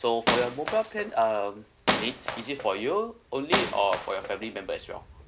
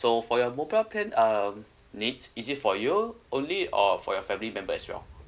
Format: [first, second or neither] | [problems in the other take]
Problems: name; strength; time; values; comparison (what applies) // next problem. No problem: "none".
second | background sound (Wood); 4 dB below the speech